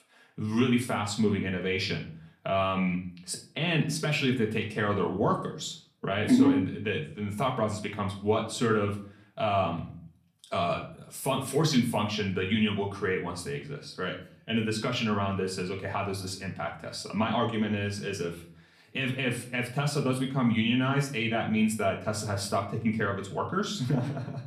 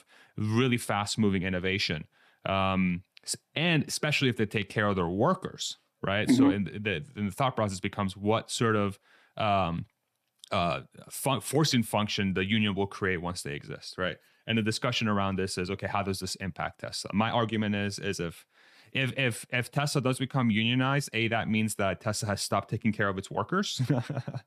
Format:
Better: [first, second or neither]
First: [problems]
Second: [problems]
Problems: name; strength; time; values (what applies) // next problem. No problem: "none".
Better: second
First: room echo; slight; dies away in 0.4 s // off-mic speech; far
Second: none